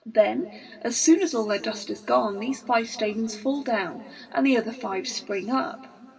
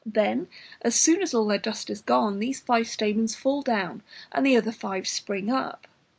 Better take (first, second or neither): second